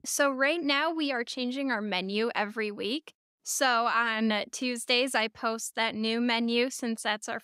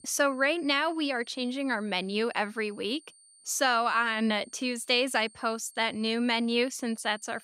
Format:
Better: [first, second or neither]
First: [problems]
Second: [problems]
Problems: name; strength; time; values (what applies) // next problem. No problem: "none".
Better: first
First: none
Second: high-pitched whine; faint; throughout; 8.5 kHz, 25 dB below the speech